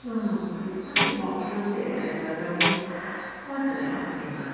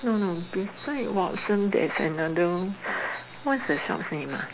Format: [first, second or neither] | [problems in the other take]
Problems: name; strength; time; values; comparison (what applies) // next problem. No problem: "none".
second | background sound (Tambourine); 1 dB below the speech // room echo; dies away in 2.1 s